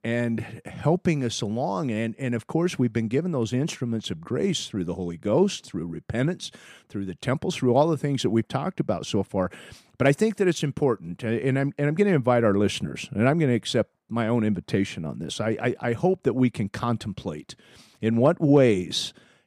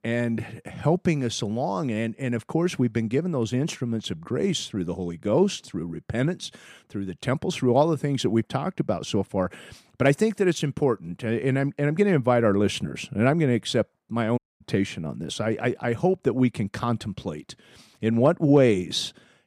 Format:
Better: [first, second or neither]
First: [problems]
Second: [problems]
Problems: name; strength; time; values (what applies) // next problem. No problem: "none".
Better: first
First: none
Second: audio cutting out; at 14 s